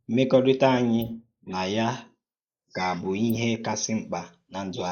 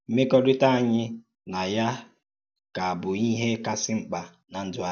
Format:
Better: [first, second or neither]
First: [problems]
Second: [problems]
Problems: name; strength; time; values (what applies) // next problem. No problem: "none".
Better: second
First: noise reduction (neural mask model Resemble Enhance denoiser)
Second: none